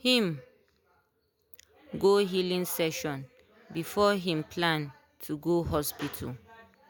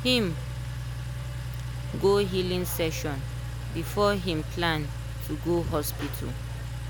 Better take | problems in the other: first | background sound (Engine); 4 dB below the speech

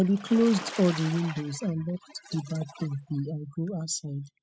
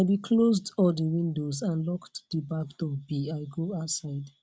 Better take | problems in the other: second | noise reduction (classical method spectral subtraction)

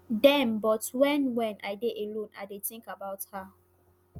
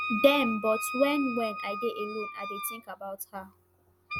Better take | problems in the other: first | background sound (Wind instrument, woodwind instrument); 6 dB below the speech

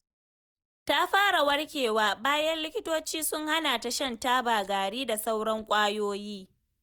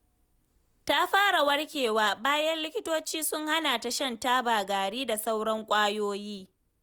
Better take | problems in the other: second | noise reduction (neural mask model DeepFilterNet 3)

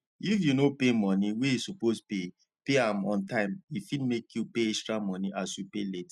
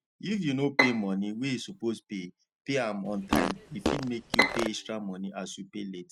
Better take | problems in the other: first | background sound (Bowed string instrument + Fart); 2 dB above the speech

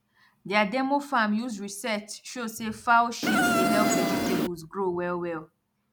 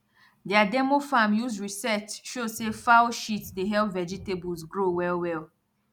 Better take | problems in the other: second | background sound (Insect); 4 dB above the speech

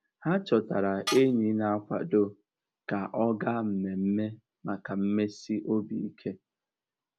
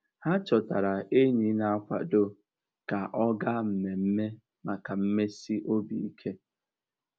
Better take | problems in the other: second | background sound (Tools); 14 dB below the speech

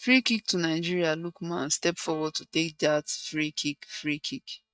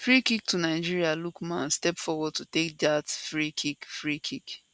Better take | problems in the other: second | noise reduction (neural mask model DeepFilterNet 3)

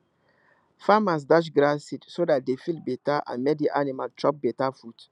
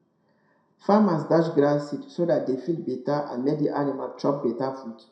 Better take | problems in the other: first | room echo; dies away in 0.6 s

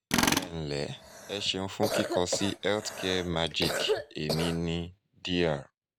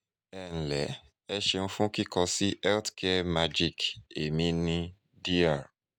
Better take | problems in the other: second | background sound (Cough + Tools); 1 dB below the speech

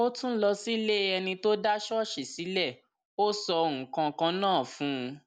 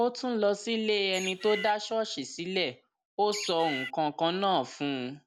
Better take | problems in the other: first | background sound (Bird); 8 dB below the speech

